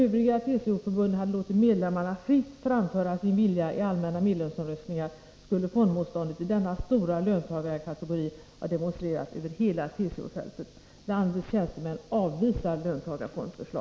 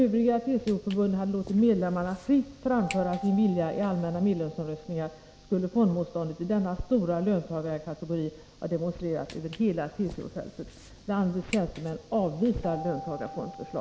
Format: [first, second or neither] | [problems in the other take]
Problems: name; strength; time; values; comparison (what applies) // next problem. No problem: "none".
first | background sound (Walk, footsteps + Keyboard (musical)); 18 dB below the speech